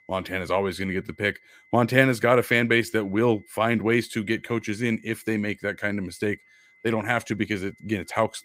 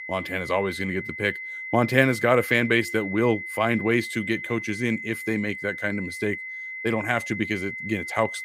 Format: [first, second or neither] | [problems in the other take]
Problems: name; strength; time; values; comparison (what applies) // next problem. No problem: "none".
first | high-pitched whine; loud; throughout; 2 kHz, 8 dB below the speech; faint in the first